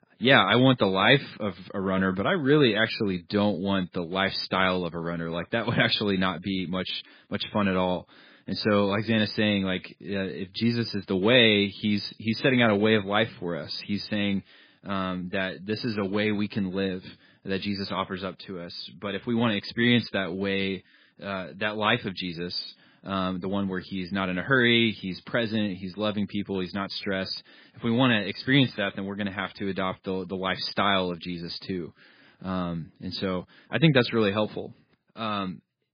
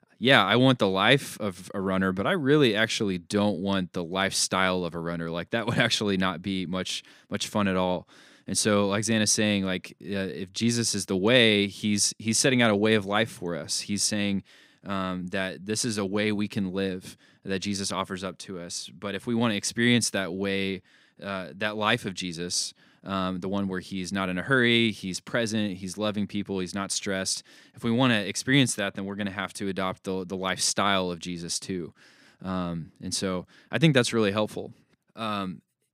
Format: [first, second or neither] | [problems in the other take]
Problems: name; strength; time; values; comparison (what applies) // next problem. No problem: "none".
second | garbled, watery; badly; nothing above 5 kHz